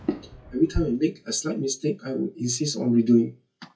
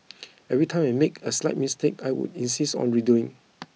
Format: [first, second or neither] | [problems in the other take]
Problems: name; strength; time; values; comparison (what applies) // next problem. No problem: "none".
second | noise reduction (classical method WPE with log-MMSE)